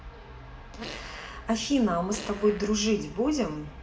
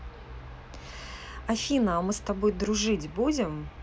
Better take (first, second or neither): second